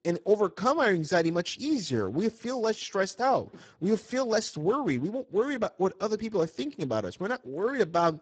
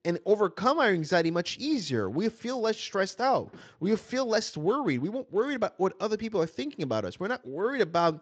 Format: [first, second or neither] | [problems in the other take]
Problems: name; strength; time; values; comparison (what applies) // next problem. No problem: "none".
second | garbled, watery; badly; nothing above 7.5 kHz; slightly in the second